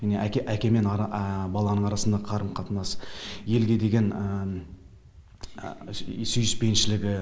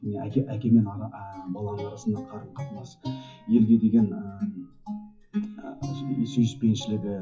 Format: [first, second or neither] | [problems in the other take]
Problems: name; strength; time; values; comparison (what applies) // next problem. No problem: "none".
first | noise reduction (classical method WPE with log-MMSE)